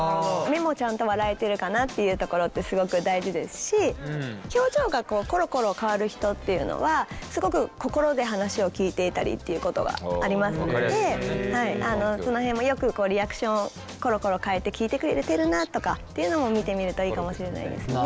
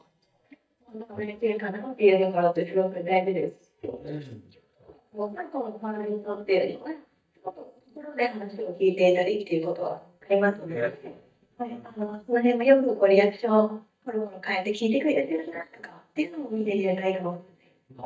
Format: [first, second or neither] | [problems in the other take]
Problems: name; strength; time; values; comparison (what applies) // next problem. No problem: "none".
first | noise reduction (neural mask model DeepFilterNet 3)